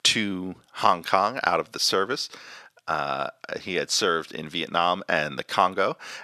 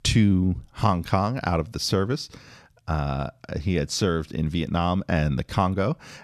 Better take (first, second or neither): second